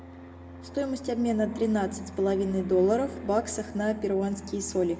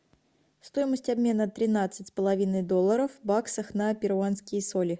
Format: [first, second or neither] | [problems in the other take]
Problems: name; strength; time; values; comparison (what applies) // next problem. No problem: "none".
second | background sound (Fixed-wing aircraft, airplane); 15 dB below the speech // room echo; dies away in 0.7 s